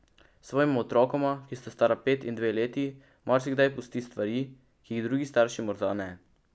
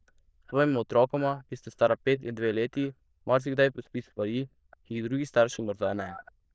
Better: first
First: none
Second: noise reduction (neural diffusion model UNIVERSE++)

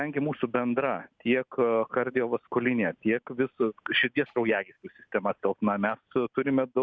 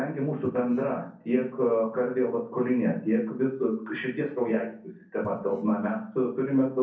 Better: first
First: none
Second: noise reduction (neural separator model SepFormer DNS4)

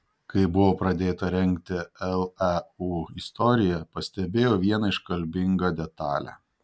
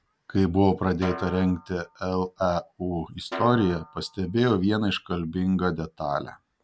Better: first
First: none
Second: background sound (Snare drum); 15 dB below the speech

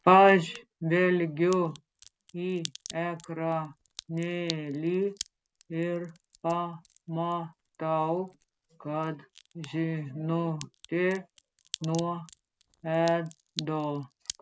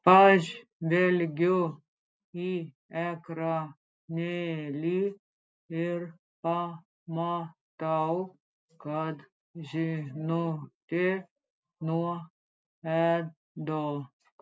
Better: second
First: background sound (Crack); 19 dB below the speech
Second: none

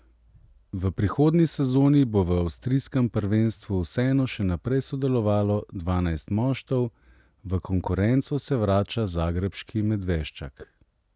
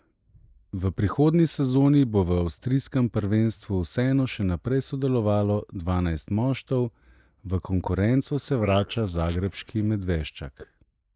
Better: first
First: none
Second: noise reduction (neural mask model Resemble Enhance denoiser)

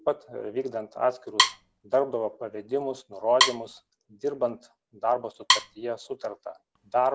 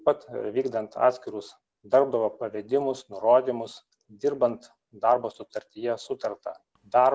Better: second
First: background sound (Wood); 2 dB above the speech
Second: none

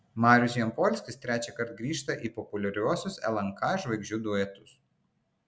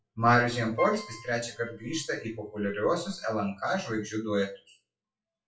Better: first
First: none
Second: noise reduction (classical method WPE with log-MMSE)

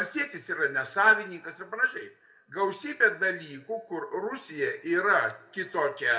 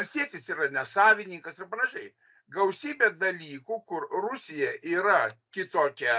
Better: second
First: room echo; dies away in 0.9 s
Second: none

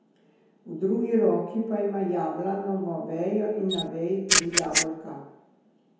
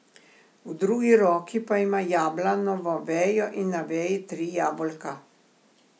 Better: second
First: background sound (Camera); 2 dB above the speech // room echo; dies away in 1 s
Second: none

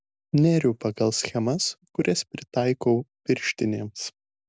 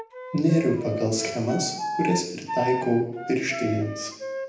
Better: first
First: none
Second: background sound (Wind instrument, woodwind instrument); 8 dB below the speech // room echo; dies away in 0.8 s

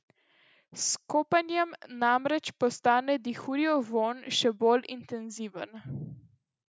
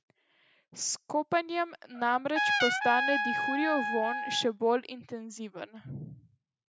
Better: first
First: none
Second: background sound (Trumpet); as loud as the speech

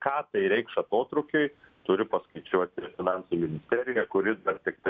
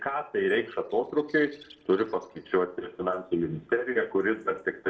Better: first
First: none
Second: noise reduction (neural separator model SepFormer DNS4)

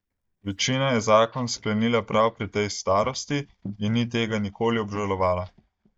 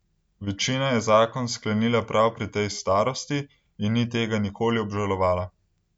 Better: second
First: noise reduction (neural mask model DeepFilterNet 3)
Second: none

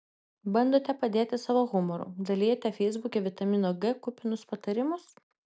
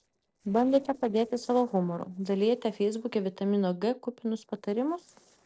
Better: first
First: none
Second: noise reduction (neural separator model SepFormer DNS4)

